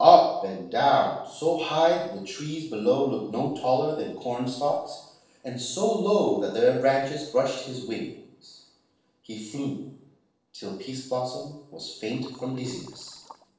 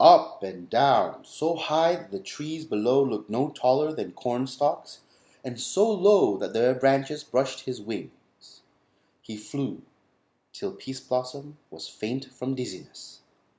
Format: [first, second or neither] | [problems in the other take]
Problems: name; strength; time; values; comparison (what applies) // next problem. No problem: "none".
second | noise reduction (neural separator model SepFormer DNS4)